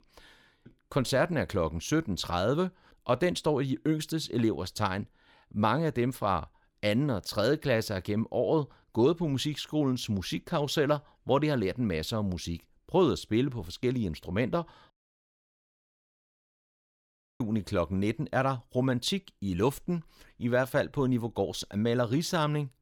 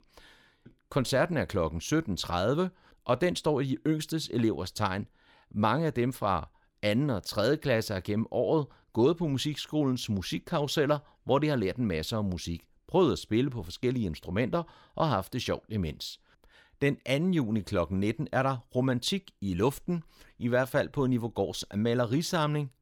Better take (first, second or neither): second